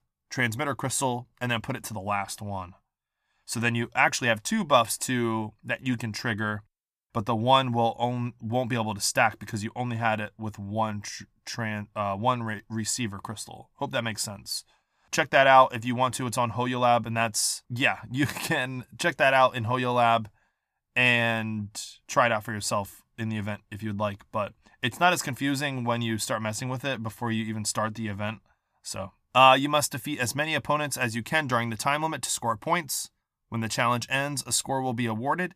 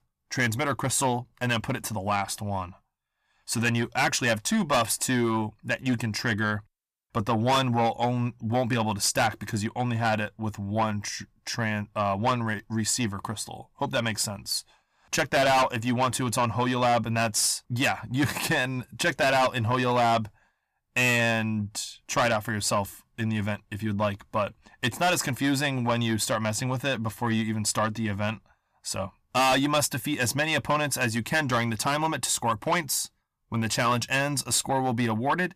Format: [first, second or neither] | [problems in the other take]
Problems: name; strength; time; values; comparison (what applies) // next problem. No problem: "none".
first | distortion; heavy; 7 dB below the speech